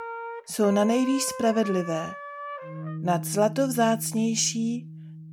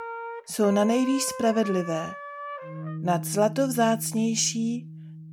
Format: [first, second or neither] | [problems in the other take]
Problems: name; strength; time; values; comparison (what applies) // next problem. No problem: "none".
neither | background music; noticeable; throughout; 10 dB below the speech; the same in both